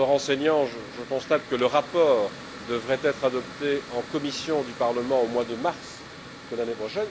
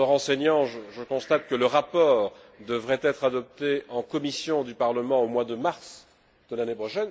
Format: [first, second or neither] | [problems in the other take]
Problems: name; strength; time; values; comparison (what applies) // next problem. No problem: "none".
second | background sound (Mechanical fan); 15 dB below the speech